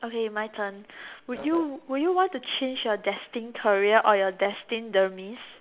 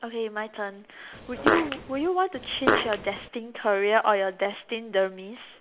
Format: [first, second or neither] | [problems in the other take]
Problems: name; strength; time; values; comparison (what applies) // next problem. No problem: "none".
first | background sound (Fart); as loud as the speech